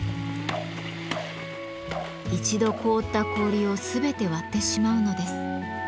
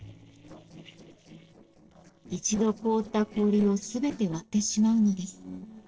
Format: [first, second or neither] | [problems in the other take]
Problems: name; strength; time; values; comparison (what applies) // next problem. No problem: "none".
first | noise reduction (neural separator model SepFormer DNS4)